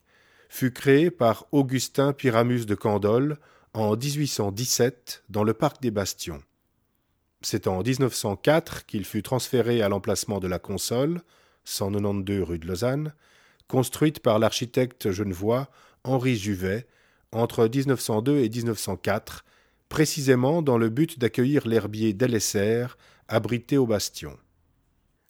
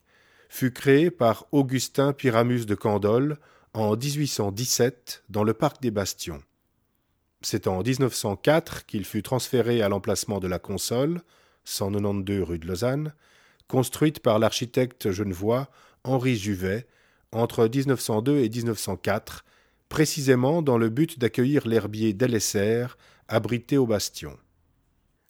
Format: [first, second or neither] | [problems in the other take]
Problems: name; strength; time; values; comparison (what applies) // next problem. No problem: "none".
neither | none